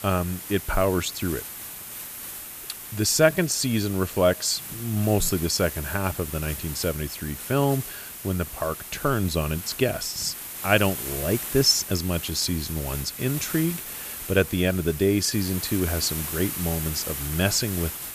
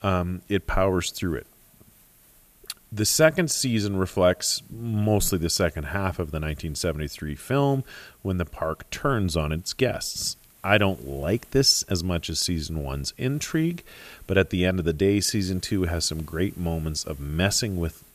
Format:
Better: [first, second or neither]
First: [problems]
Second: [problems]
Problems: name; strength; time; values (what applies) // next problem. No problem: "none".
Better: second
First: hiss; loud; throughout; 8 dB below the speech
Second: hiss; faint; throughout; 30 dB below the speech